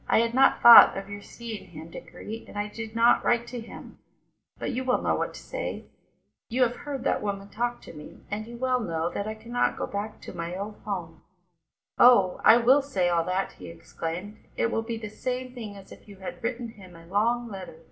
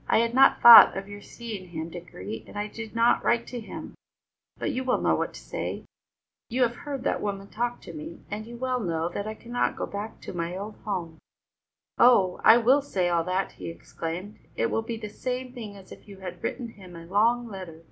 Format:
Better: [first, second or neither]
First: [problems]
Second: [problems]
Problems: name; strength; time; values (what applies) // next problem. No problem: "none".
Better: second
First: room echo; dies away in 0.4 s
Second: none